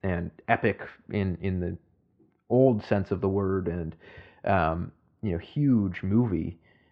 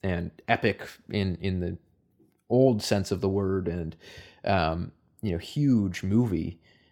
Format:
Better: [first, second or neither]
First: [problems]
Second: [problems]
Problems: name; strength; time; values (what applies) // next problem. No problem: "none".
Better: second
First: muffled; very; fading above 2.5 kHz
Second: none